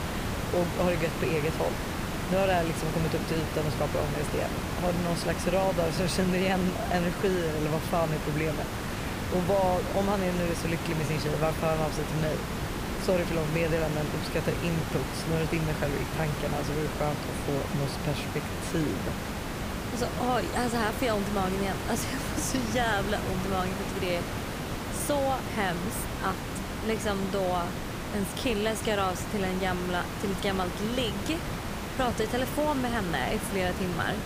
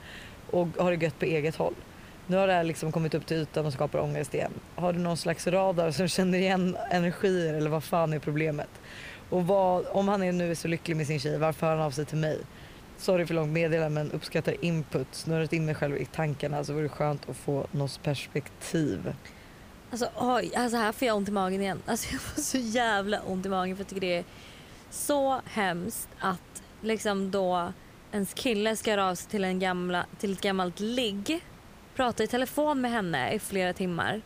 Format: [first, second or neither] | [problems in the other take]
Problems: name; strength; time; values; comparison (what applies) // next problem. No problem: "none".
second | hiss; loud; throughout; 3 dB below the speech; faint in the second